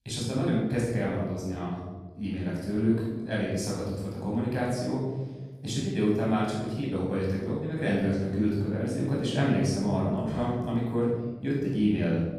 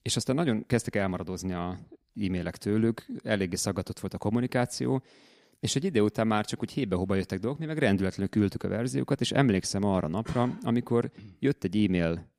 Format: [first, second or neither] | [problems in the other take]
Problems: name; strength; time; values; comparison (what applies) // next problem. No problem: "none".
second | off-mic speech; far // room echo; strong; dies away in 1.4 s